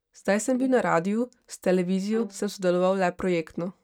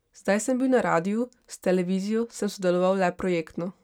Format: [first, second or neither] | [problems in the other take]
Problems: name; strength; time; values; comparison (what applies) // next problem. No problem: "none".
second | noise reduction (neural mask model DeepFilterNet 3)